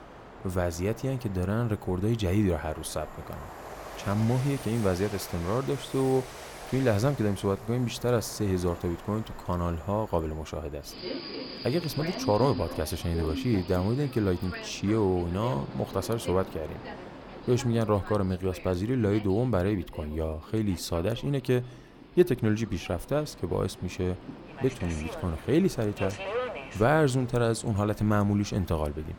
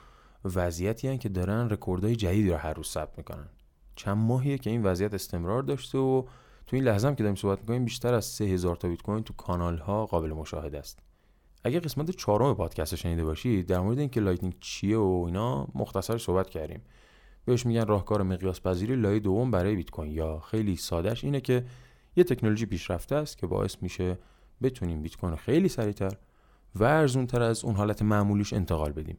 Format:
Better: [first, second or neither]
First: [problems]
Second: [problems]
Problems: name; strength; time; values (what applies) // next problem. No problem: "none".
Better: second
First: train or aircraft noise; noticeable; throughout; 15 dB below the speech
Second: none